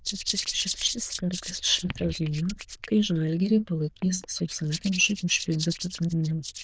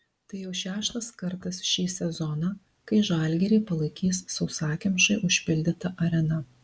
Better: second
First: noise reduction (neural diffusion model UNIVERSE++)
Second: none

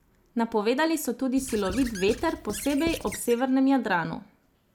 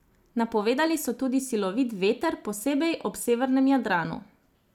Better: second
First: background sound (Squeak / Writing); 13 dB below the speech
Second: none

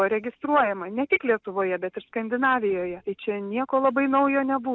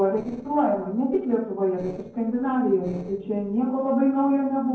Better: first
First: none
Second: noise reduction (neural separator model SepFormer DNS4)

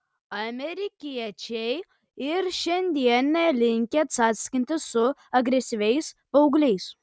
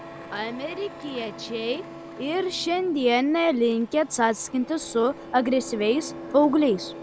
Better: first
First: none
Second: background sound (Printer); 15 dB below the speech

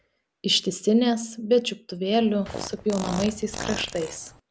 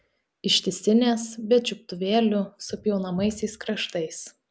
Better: second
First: background sound (Fart); 10 dB below the speech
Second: none

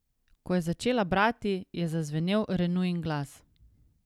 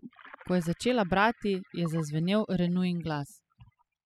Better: first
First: none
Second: noise reduction (classical method spectral subtraction)

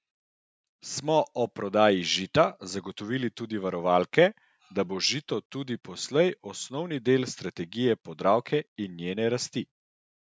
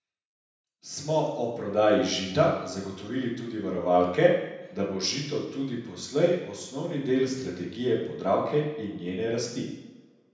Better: first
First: none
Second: room echo; dies away in 0.9 s

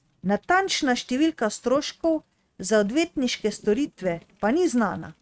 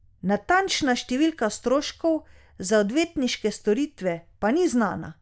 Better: second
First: noise reduction (neural mask model RNNoise)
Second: none

